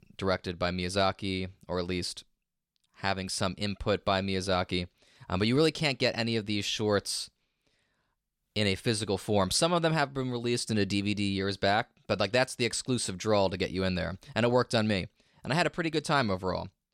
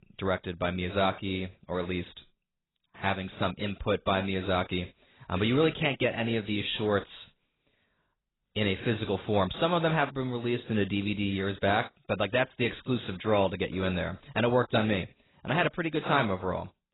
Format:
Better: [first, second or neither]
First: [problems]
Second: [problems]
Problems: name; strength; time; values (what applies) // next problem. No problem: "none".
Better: first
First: none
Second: garbled, watery; badly; nothing above 4 kHz